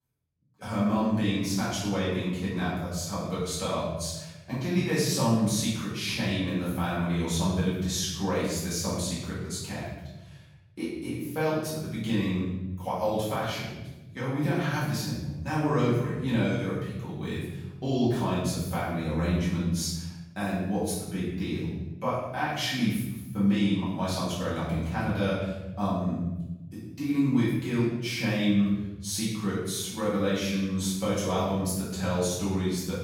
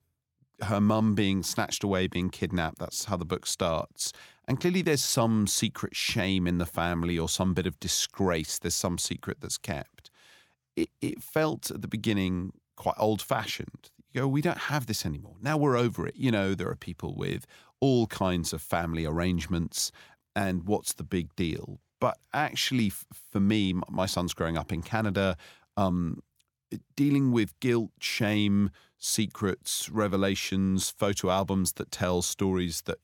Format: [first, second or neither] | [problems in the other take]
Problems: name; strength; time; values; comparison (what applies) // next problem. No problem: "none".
second | off-mic speech; far // room echo; strong; dies away in 1.2 s